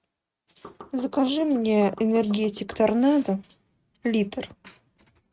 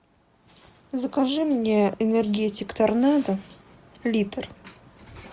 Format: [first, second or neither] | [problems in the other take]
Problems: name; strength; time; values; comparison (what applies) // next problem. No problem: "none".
second | noise reduction (neural mask model RNNoise)